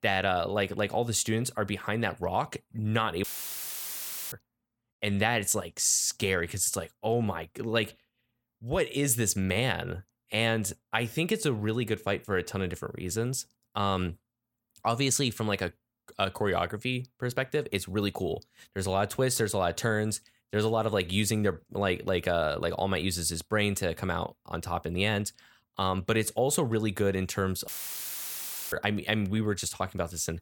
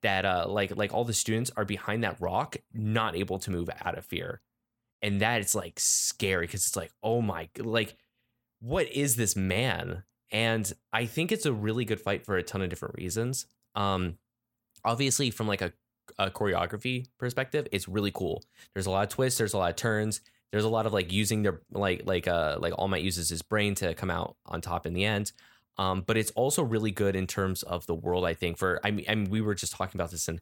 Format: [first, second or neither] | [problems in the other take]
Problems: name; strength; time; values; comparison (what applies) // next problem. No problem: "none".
second | audio cutting out; filled with static; at 3 s for 1 s and at 28 s for 1 s